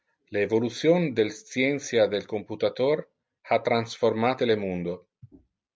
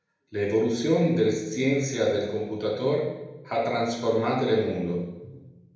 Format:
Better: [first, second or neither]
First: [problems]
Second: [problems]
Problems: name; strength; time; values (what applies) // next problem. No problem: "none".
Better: first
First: none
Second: room echo; dies away in 0.9 s